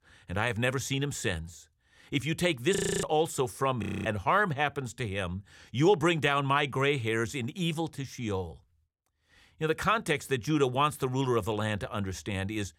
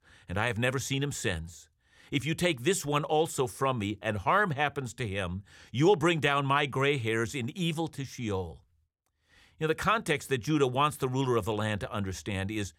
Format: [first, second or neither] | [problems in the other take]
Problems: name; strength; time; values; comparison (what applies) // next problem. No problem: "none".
second | audio freezing; at 3 s and at 4 s